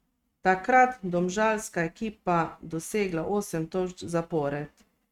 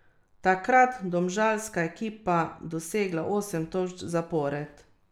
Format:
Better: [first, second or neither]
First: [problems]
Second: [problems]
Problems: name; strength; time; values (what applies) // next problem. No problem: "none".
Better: second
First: noise reduction (neural mask model RNNoise)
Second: none